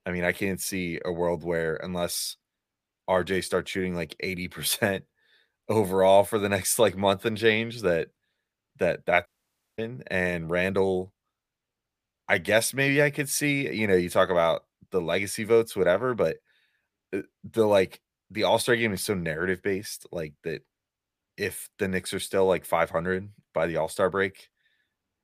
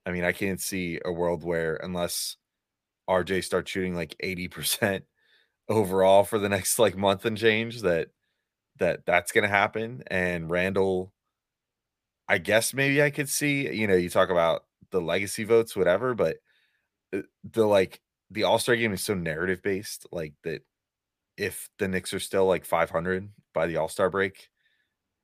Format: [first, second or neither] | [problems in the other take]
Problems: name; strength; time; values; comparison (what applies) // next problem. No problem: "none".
second | audio cutting out; at 9.5 s for 0.5 s